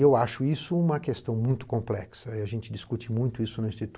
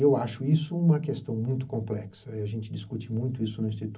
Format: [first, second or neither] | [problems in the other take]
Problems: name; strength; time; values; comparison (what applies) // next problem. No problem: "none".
first | room echo; dies away in 0.4 s